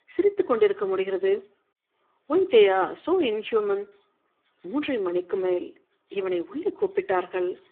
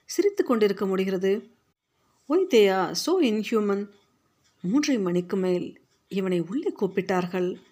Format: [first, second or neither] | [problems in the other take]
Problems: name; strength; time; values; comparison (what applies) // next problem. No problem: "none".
second | phone-call audio; poor line; nothing above 7.5 kHz